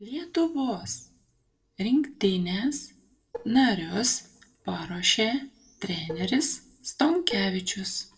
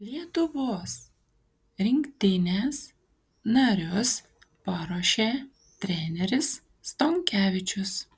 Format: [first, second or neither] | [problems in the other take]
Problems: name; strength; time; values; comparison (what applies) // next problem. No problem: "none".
second | noise reduction (neural separator model SepFormer DNS4)